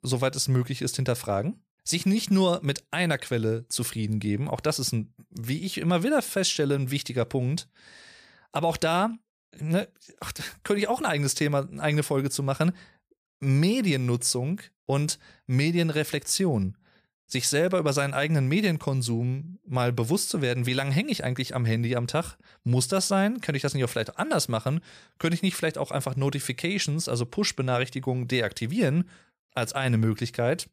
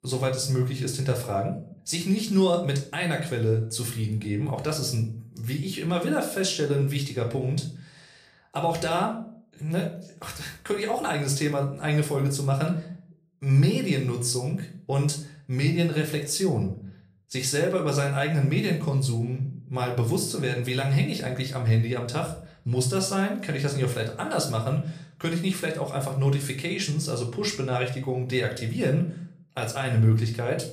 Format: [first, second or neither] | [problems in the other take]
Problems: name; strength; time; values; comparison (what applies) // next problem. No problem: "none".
first | room echo; slight; dies away in 0.4 s // off-mic speech; somewhat distant